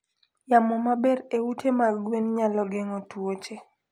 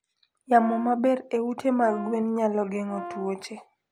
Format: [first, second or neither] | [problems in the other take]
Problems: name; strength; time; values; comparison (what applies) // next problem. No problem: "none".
first | background sound (Brass instrument); 15 dB below the speech